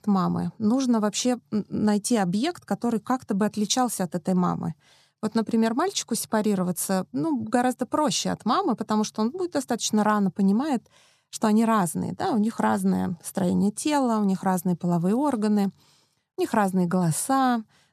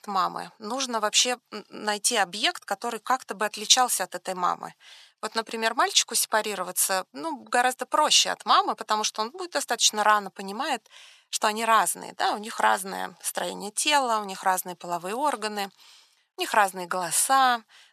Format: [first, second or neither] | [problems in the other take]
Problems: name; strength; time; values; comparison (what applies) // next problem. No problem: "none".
first | thin; very; fading below 800 Hz